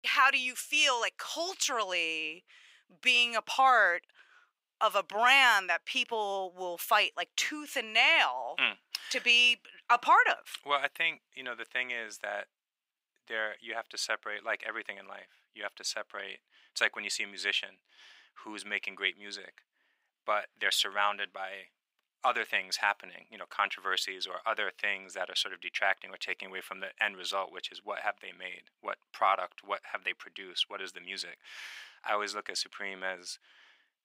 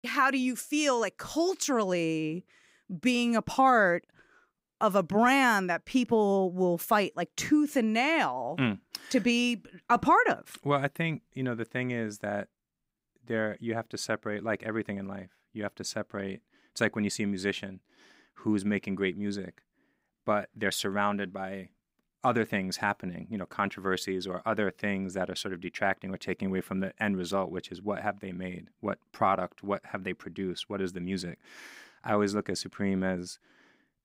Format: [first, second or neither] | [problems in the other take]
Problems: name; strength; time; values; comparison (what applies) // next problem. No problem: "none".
second | thin; very; fading below 850 Hz